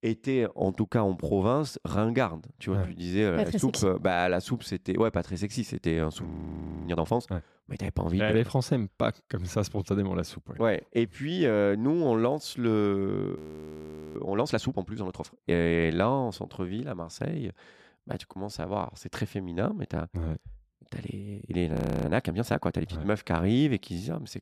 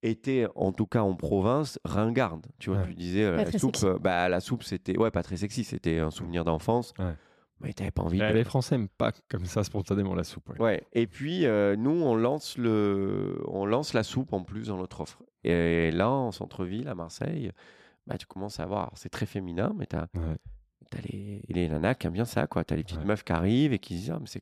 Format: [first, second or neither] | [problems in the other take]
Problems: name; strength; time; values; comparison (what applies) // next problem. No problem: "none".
second | audio freezing; at 6.5 s for 0.5 s, at 13 s for 1 s and at 22 s